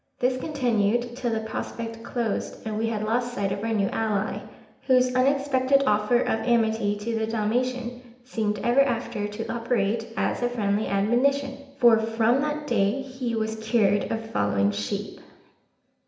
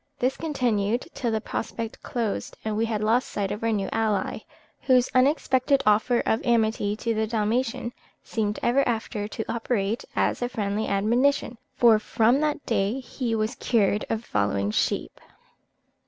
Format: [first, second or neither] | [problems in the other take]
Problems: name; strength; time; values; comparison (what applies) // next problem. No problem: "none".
second | room echo; dies away in 0.8 s